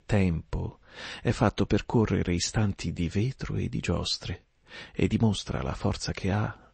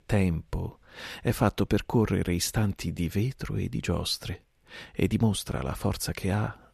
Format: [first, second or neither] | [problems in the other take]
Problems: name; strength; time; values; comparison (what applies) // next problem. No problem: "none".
second | garbled, watery; slightly; nothing above 8 kHz